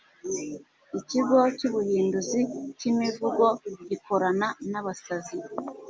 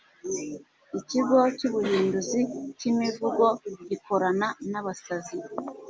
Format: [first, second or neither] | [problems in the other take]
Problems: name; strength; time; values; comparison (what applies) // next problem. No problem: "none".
first | background sound (Cough); 13 dB below the speech